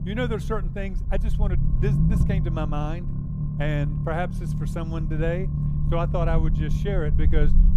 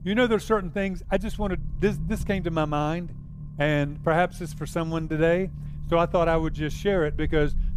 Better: second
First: low rumble; loud; throughout; 6 dB below the speech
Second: low rumble; faint; throughout; 25 dB below the speech

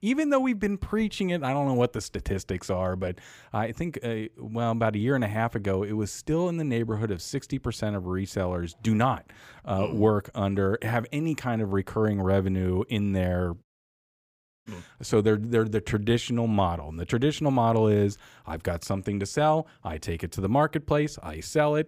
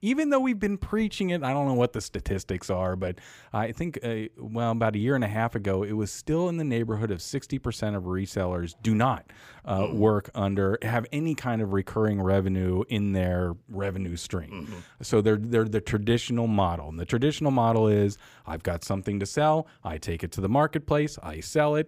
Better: second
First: audio cutting out; at 14 s for 1 s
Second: none

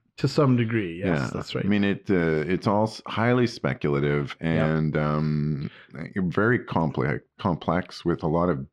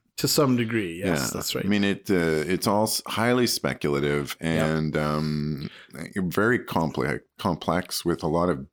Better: second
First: muffled; slightly; fading above 3 kHz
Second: none

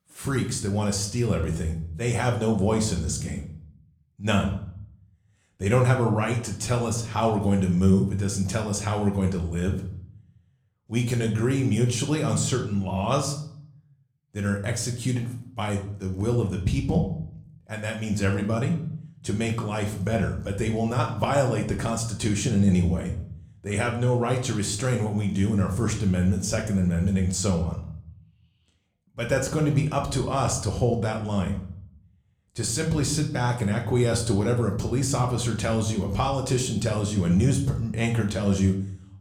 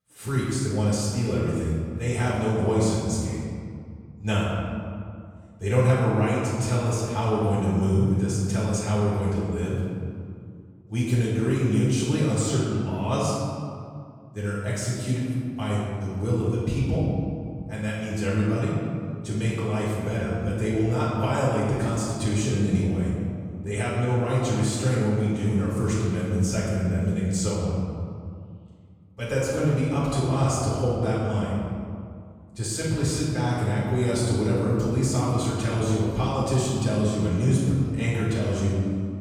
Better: first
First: room echo; slight; dies away in 0.5 s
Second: room echo; strong; dies away in 2 s // off-mic speech; far

